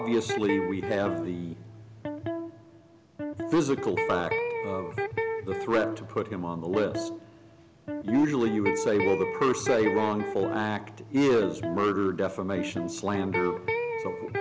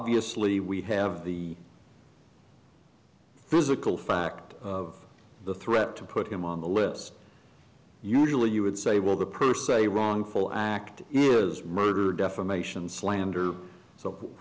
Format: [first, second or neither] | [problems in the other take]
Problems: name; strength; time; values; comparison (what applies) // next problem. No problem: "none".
second | background sound (Electric guitar); 4 dB below the speech